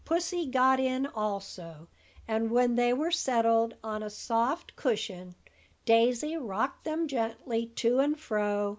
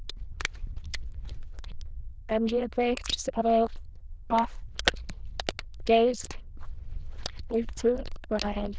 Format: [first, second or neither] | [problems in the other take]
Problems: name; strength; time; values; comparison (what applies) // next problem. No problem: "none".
first | noise reduction (neural diffusion model UNIVERSE++)